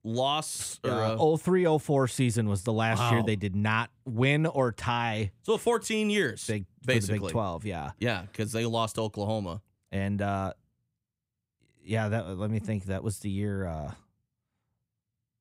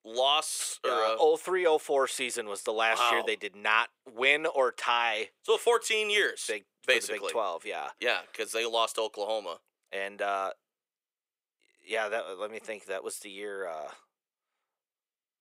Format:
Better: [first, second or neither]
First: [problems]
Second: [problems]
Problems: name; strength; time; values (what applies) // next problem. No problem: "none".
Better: first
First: none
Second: thin; very; fading below 450 Hz